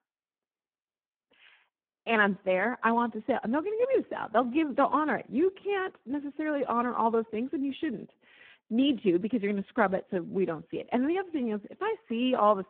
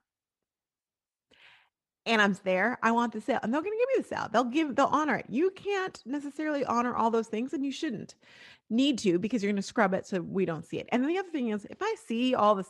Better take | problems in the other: second | phone-call audio; poor line

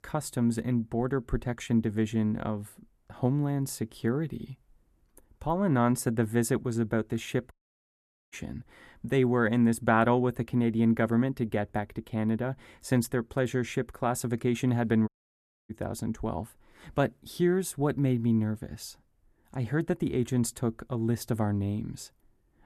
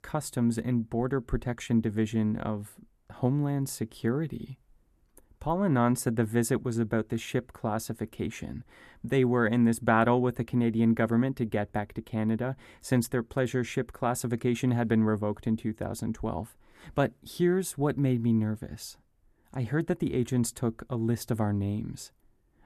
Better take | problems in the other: second | audio cutting out; at 7.5 s for 1 s and at 15 s for 0.5 s

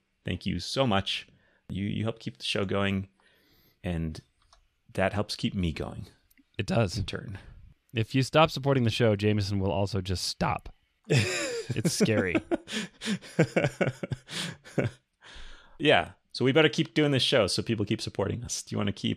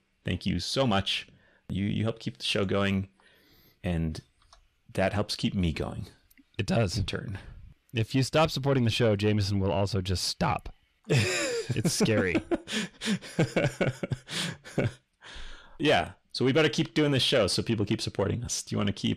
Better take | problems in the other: first | distortion; slight; 10 dB below the speech

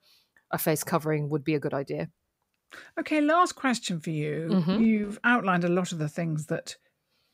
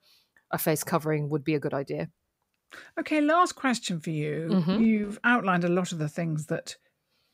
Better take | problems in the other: neither | none

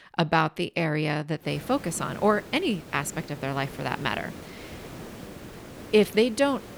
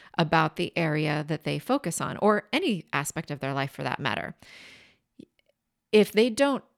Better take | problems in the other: second | hiss; noticeable; from 1.5 s on; 15 dB below the speech

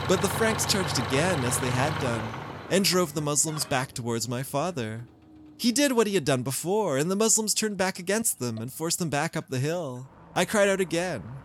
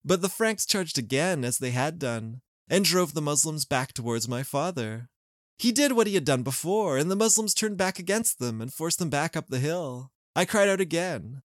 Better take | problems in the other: second | traffic noise; loud; throughout; 7 dB below the speech

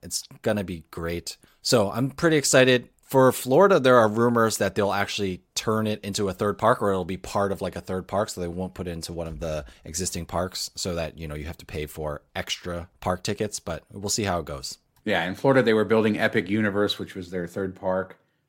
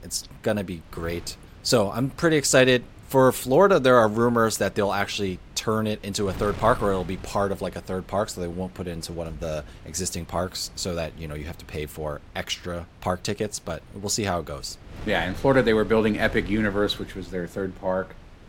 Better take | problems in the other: first | wind noise on the microphone; occasional gusts; 25 dB below the speech

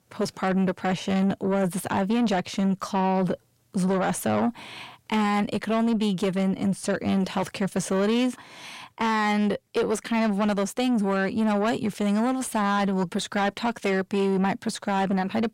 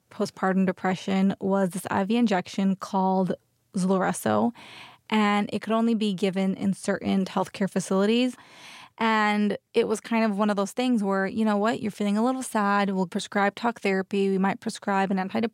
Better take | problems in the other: second | distortion; slight; 10 dB below the speech

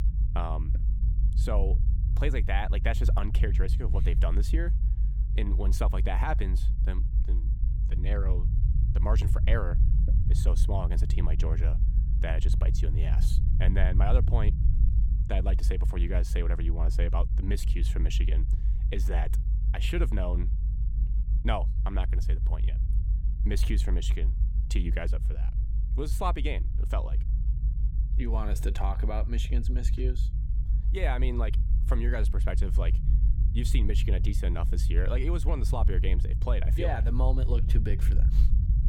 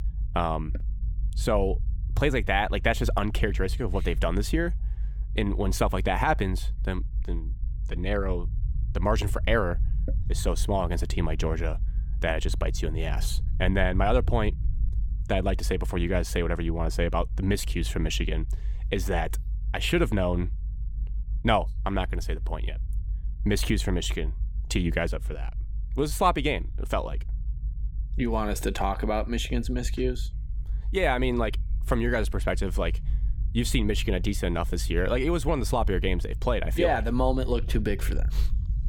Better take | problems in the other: second | low rumble; loud; throughout; 9 dB below the speech; faint in the second

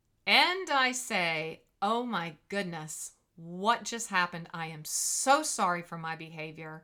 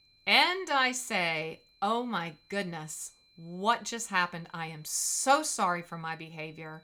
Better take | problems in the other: first | high-pitched whine; faint; throughout; 4 kHz, 35 dB below the speech

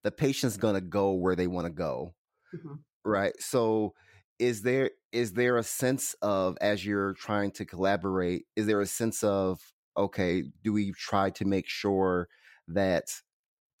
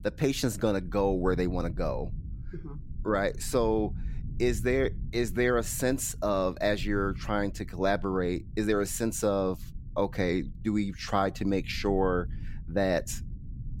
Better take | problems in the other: first | low rumble; faint; throughout; 25 dB below the speech

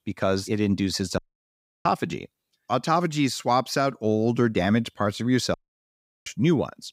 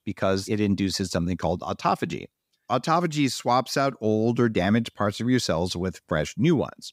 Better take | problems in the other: second | audio cutting out; at 1 s for 0.5 s and at 5.5 s for 0.5 s

